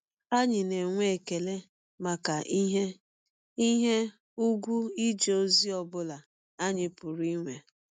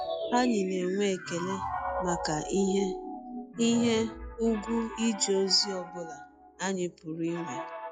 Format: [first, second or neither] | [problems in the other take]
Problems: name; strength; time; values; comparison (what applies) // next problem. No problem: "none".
first | noise reduction (classical method log-MMSE)